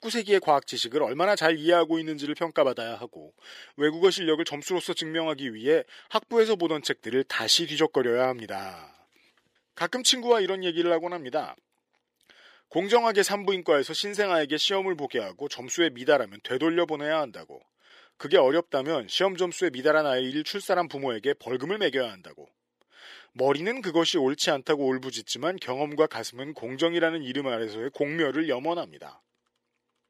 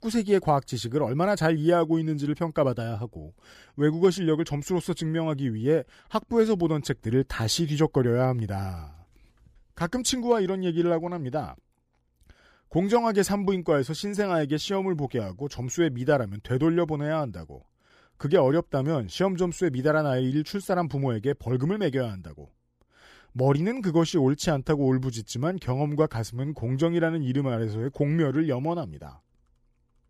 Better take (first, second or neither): second